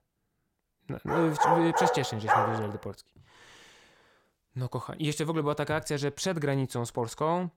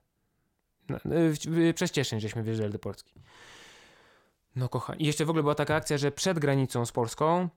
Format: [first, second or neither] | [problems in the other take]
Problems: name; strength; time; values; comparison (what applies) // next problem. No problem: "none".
second | dog barking; loud; from 1 to 2.5 s; peak 6 dB above the speech